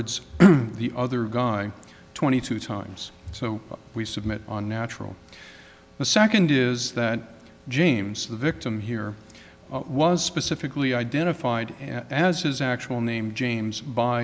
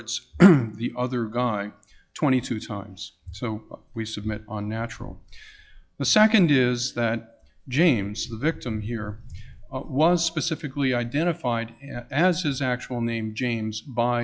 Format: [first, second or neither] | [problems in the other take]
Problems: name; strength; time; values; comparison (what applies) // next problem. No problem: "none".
first | noise reduction (classical method log-MMSE)